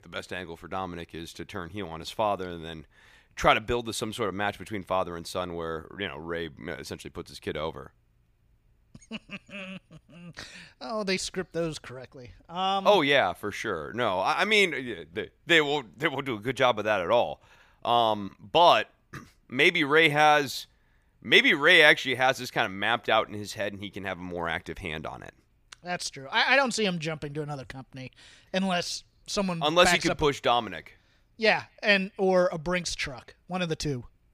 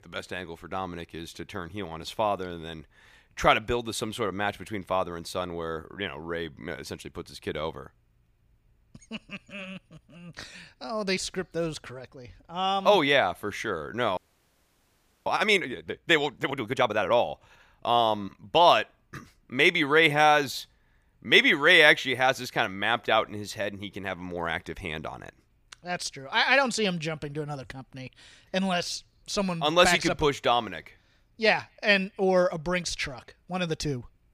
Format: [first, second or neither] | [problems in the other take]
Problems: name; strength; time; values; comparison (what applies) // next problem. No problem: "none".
first | audio freezing; at 14 s for 1 s